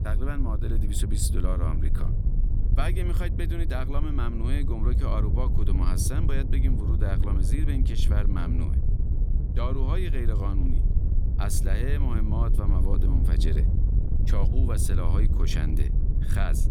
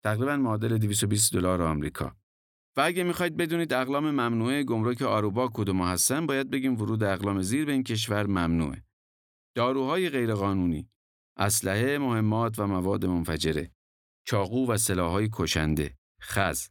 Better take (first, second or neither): second